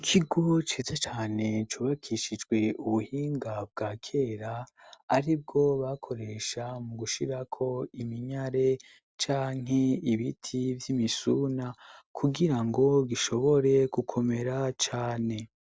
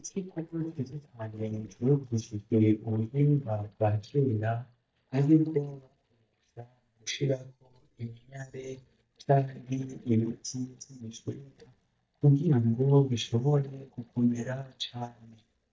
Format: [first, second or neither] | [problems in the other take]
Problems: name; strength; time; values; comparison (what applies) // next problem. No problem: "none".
first | noise reduction (neural mask model DeepFilterNet 3)